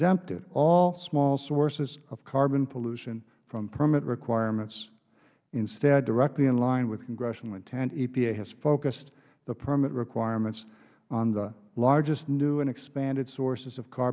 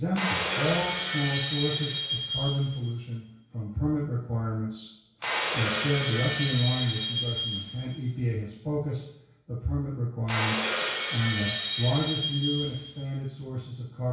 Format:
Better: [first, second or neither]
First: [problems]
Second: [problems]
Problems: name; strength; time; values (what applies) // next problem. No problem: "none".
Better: first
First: none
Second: background sound (Shatter); 3 dB below the speech // room echo; dies away in 0.6 s